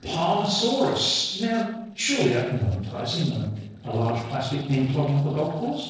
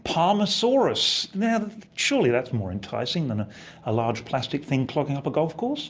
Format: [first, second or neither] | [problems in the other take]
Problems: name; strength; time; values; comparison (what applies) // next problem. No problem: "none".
second | noise reduction (neural separator model SepFormer DNS4)